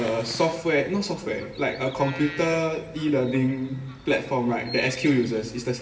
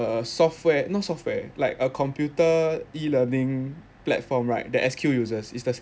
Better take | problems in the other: second | background sound (Bird vocalization, bird call, bird song); 18 dB below the speech // room echo; dies away in 0.9 s

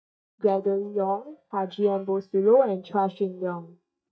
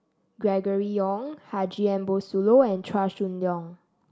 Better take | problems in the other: second | noise reduction (neural mask model DeepFilterNet 3)

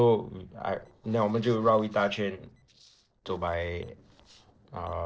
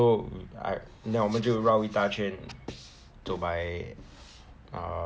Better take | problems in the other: second | noise reduction (neural separator model SepFormer DNS4)

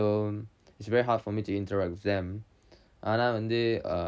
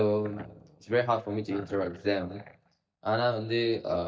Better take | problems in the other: first | noise reduction (neural mask model DeepFilterNet 3)

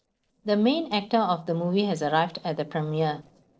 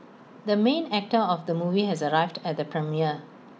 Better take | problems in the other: second | noise reduction (neural separator model SepFormer DNS4)

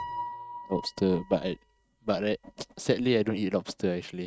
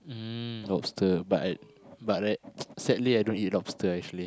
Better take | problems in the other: second | noise reduction (neural mask model RNNoise)

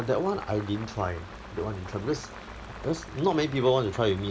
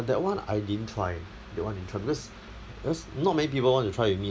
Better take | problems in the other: second | background sound (Boiling); 17 dB below the speech

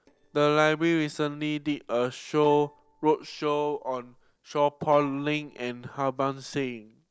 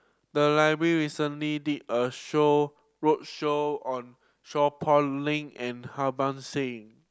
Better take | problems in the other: second | noise reduction (neural separator model SepFormer DNS4)

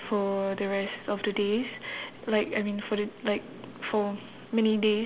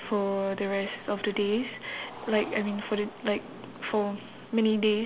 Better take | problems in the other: first | background sound (Cheering); 20 dB below the speech

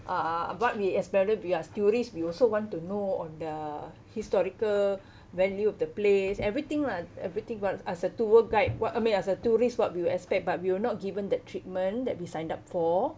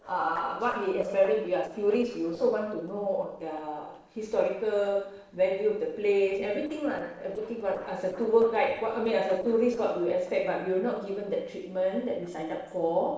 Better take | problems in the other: first | noise reduction (neural separator model SepFormer DNS4)

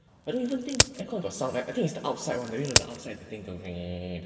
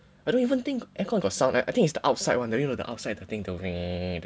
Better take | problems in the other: second | background sound (Crack); 1 dB above the speech // room echo; dies away in 2.8 s

